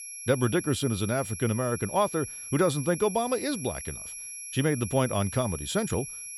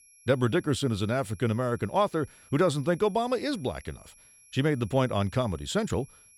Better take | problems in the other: second | high-pitched whine; loud; throughout; 11 kHz, 9 dB below the speech; faint in the second

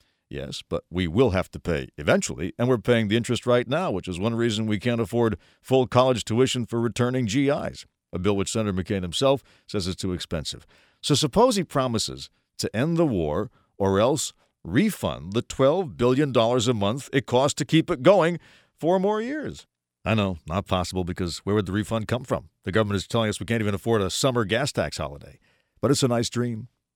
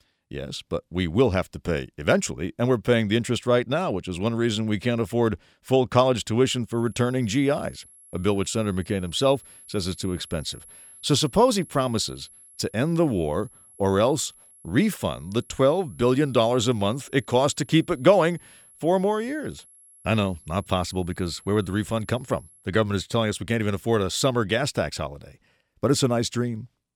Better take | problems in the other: first | high-pitched whine; faint; from 6.5 to 23 s; 11 kHz, 25 dB below the speech

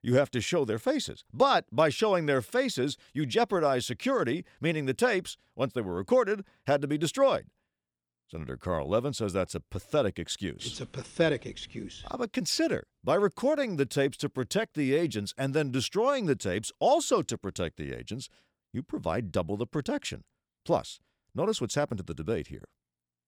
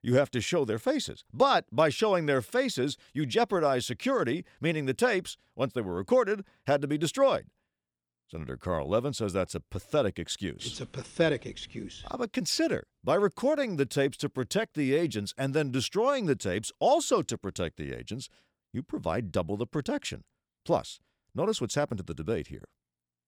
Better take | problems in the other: neither | none

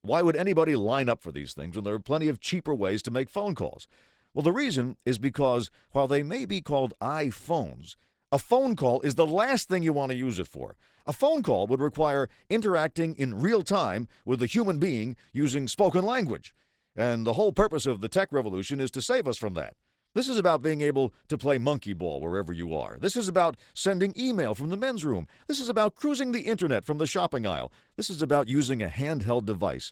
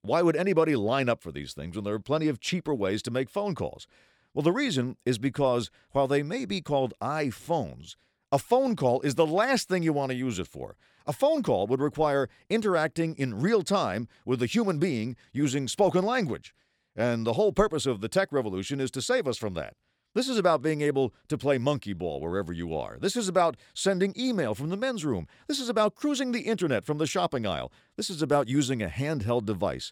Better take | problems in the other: second | garbled, watery; slightly; nothing above 18.5 kHz

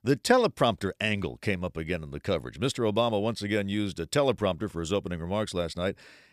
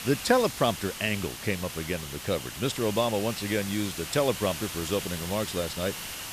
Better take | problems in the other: first | hiss; loud; throughout; 7 dB below the speech

